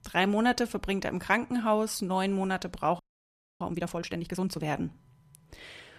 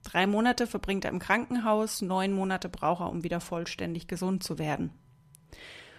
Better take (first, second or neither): second